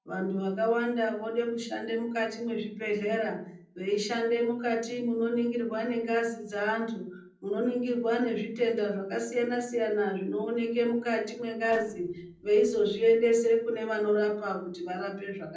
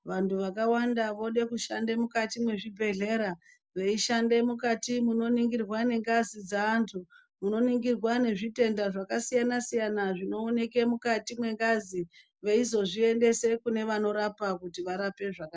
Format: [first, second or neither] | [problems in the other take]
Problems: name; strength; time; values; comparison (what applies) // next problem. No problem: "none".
second | noise reduction (neural separator model SepFormer DNS4)